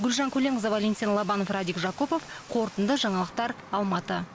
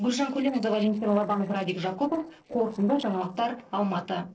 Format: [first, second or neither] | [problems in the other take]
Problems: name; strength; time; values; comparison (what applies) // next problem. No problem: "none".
first | noise reduction (neural separator model SepFormer DNS4)